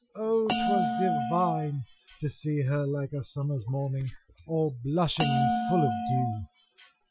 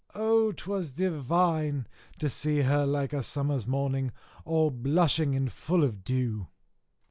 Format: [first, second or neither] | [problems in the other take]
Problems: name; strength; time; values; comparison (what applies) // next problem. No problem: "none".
second | noise reduction (classical method Wiener filter)